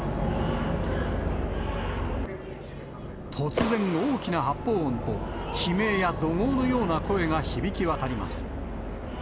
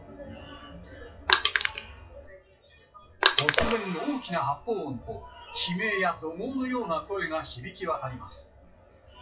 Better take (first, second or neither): first